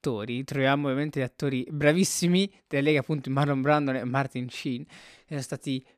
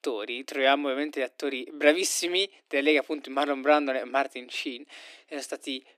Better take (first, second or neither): first